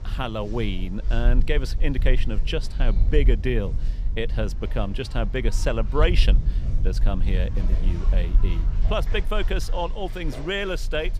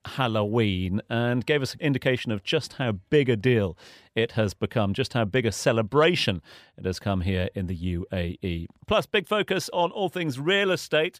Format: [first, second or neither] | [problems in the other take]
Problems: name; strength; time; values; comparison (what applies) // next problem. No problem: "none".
second | animal sounds; very loud; throughout; 3 dB above the speech